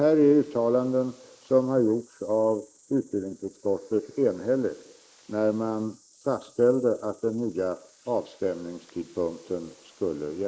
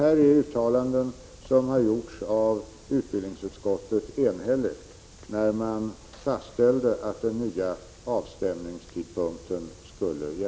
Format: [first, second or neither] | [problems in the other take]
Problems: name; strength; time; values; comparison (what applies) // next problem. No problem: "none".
second | noise reduction (neural mask model Resemble Enhance denoiser)